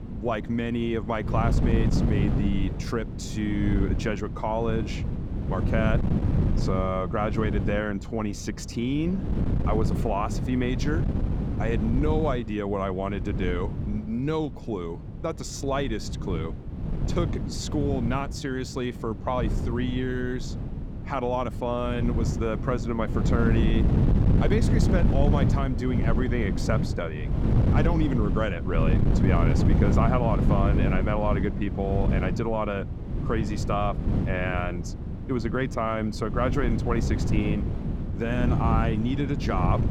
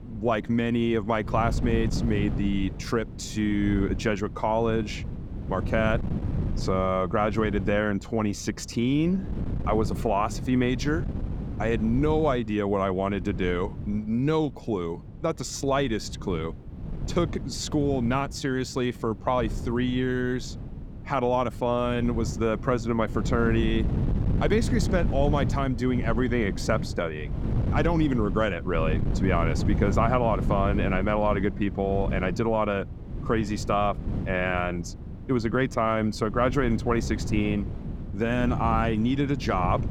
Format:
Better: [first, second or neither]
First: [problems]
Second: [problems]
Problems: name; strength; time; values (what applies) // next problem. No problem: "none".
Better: second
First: wind noise on the microphone; heavy; 6 dB below the speech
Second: wind noise on the microphone; occasional gusts; 15 dB below the speech